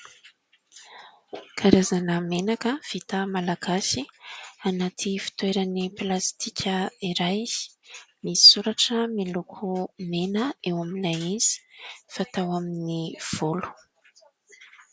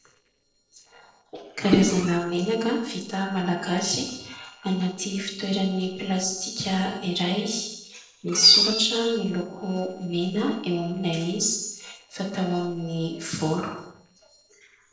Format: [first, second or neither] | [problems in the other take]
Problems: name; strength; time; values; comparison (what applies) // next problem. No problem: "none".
first | noise reduction (neural separator model SepFormer DNS4)